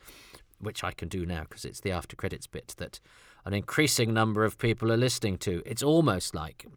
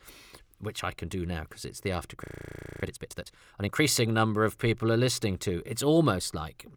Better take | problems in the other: first | audio freezing; at 2 s for 0.5 s

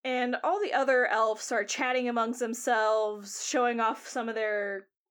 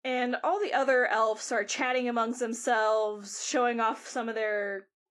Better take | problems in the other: first | garbled, watery; slightly

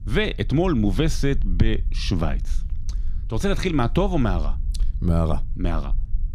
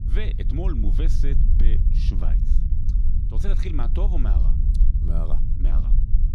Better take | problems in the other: first | low rumble; loud; throughout; 4 dB below the speech; faint in the first

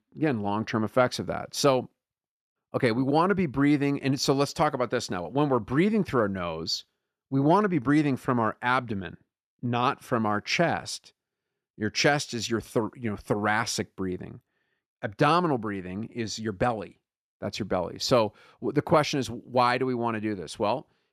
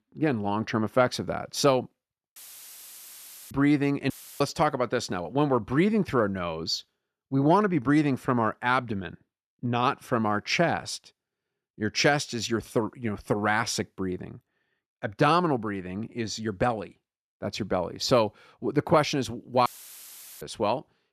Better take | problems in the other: first | audio cutting out; filled with static; at 2.5 s for 1 s, at 4 s and at 20 s for 1 s

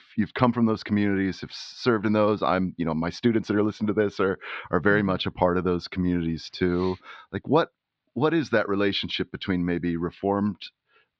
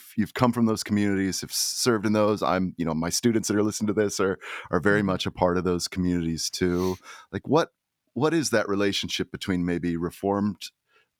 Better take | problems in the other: second | muffled; slightly; fading above 4 kHz

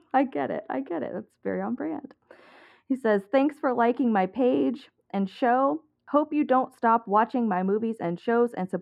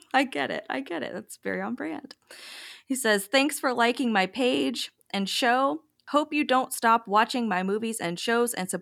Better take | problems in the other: second | muffled; very; fading above 2.5 kHz

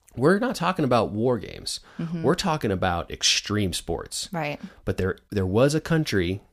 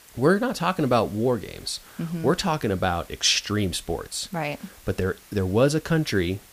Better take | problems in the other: first | hiss; faint; throughout; 25 dB below the speech

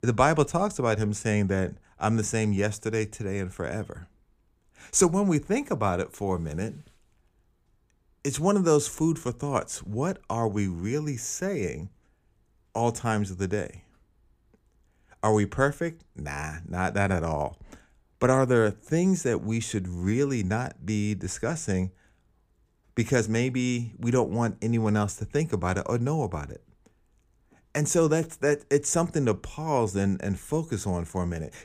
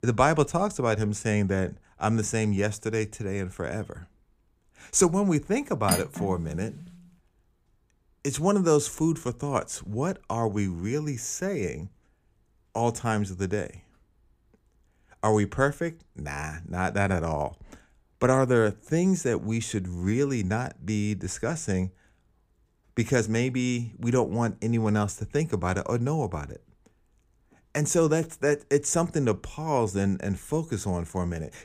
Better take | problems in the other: first | clattering dishes; noticeable; at 6 s; peak 1 dB below the speech

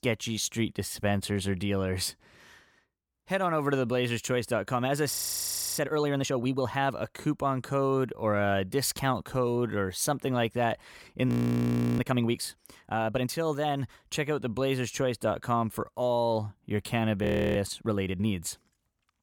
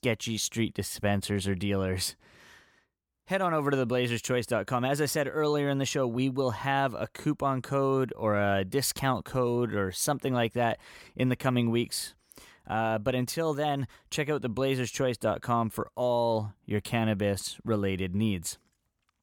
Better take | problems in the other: second | audio freezing; at 5 s for 0.5 s, at 11 s for 0.5 s and at 17 s

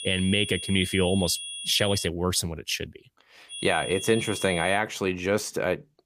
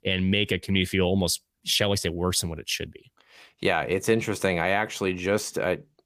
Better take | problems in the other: second | high-pitched whine; loud; until 2 s and from 3.5 to 5 s; 3.5 kHz, 8 dB below the speech

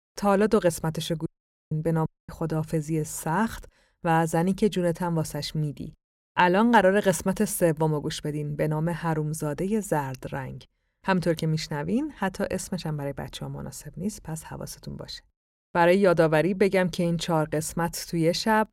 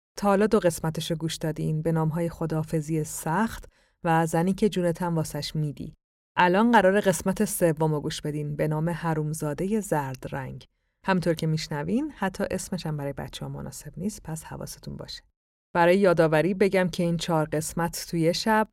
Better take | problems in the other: second | audio cutting out; at 1.5 s and at 2 s

